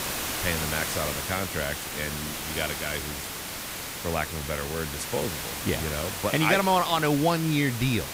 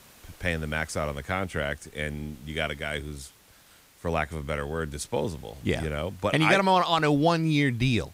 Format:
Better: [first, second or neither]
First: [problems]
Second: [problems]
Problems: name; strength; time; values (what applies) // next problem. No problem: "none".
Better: second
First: hiss; loud; throughout; 4 dB below the speech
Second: hiss; faint; throughout; 25 dB below the speech